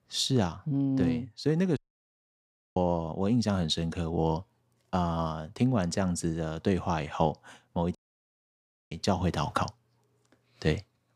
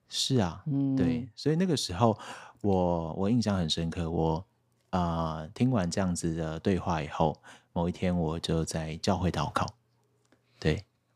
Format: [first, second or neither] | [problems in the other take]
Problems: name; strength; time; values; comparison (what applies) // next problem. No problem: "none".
second | audio cutting out; at 2 s for 1 s and at 8 s for 1 s